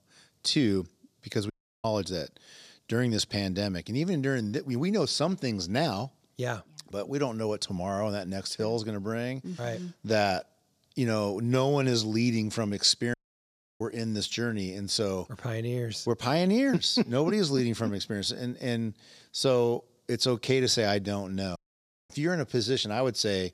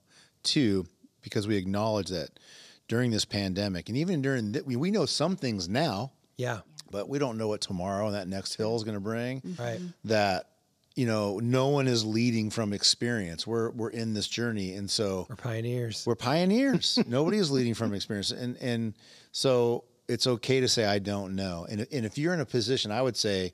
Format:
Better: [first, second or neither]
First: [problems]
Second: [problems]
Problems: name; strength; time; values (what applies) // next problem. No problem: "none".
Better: second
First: audio cutting out; at 1.5 s, at 13 s for 0.5 s and at 22 s for 0.5 s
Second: none